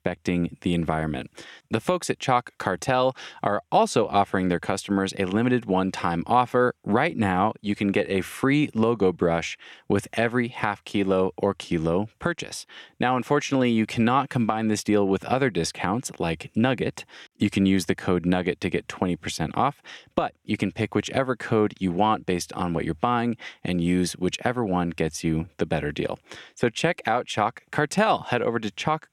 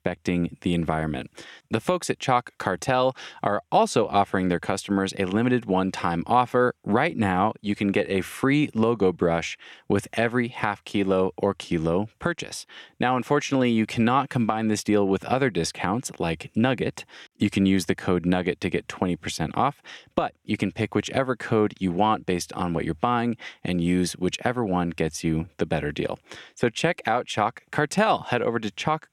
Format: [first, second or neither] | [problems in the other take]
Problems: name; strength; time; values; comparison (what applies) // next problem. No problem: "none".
neither | none